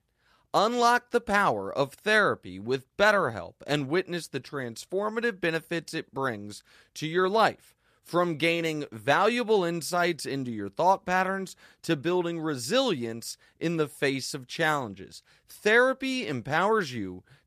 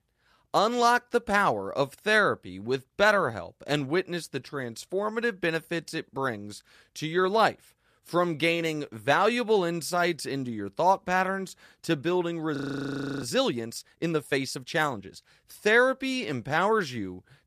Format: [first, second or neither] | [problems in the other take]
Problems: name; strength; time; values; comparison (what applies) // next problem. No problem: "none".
first | audio freezing; at 13 s for 0.5 s